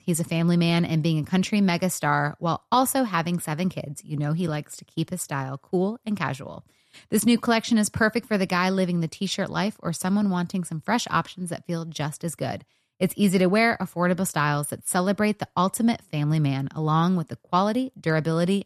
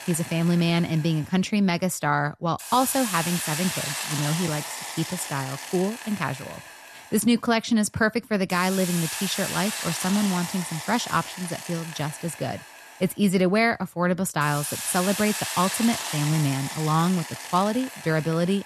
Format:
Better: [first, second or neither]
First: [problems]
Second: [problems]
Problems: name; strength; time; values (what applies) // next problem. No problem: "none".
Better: first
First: none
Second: hiss; loud; throughout; 6 dB below the speech